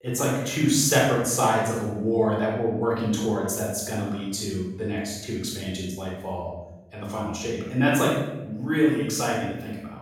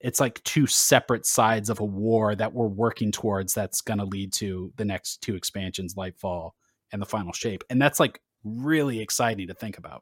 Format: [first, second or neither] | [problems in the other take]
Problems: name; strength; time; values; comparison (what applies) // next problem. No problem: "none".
second | off-mic speech; far // room echo; noticeable; dies away in 0.9 s